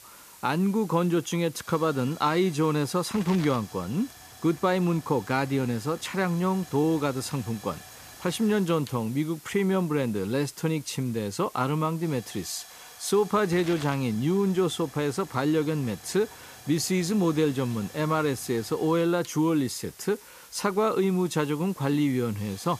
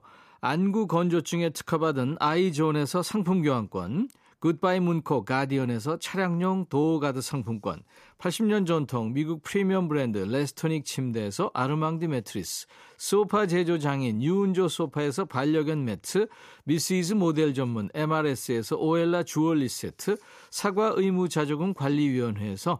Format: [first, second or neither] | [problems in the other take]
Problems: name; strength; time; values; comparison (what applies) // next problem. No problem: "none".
second | hiss; noticeable; throughout; 20 dB below the speech